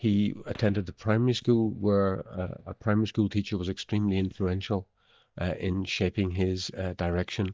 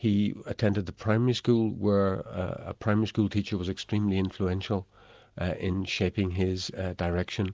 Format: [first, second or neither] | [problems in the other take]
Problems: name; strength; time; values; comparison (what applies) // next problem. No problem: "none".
second | noise reduction (neural mask model DeepFilterNet 3)